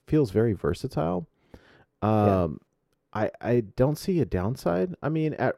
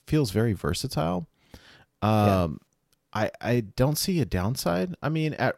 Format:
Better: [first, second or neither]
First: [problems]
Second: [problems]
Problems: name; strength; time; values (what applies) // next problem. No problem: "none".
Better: second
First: muffled; slightly; fading above 2.5 kHz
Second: none